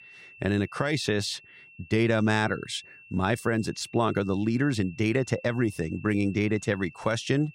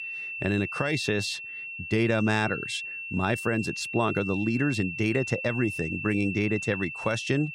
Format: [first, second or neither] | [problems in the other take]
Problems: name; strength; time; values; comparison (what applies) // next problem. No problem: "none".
first | high-pitched whine; loud; throughout; 2.5 kHz, 6 dB below the speech; faint in the first